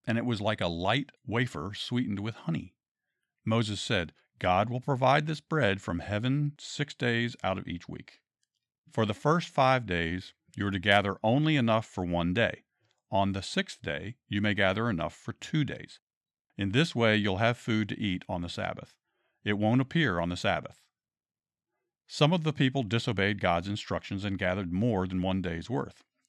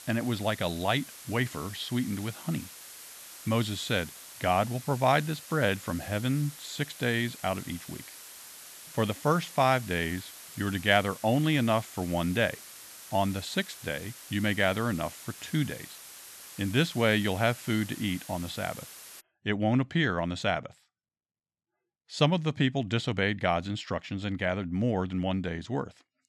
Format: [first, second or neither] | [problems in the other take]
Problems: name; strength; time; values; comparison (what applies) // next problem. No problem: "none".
first | hiss; noticeable; until 19 s; 15 dB below the speech